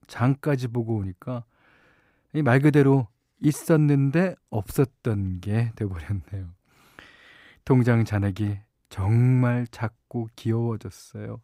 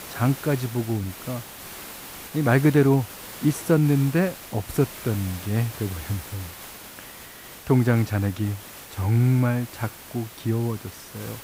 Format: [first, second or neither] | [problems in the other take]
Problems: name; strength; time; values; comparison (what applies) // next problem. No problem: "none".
first | hiss; noticeable; throughout; 15 dB below the speech